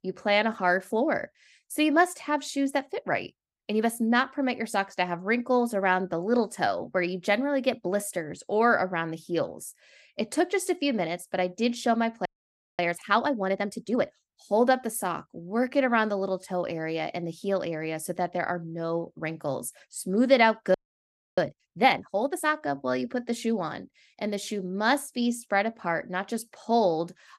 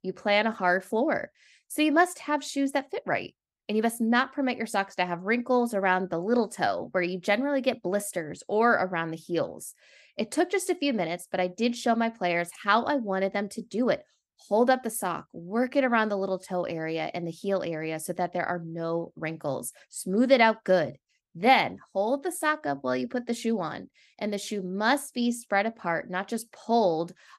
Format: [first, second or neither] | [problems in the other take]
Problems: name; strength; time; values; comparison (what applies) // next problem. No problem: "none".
second | audio freezing; at 12 s for 0.5 s and at 21 s for 0.5 s